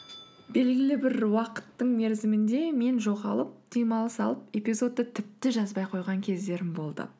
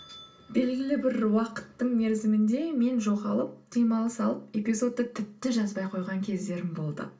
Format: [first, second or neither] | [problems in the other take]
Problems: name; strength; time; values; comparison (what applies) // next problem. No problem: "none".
first | room echo; dies away in 0.2 s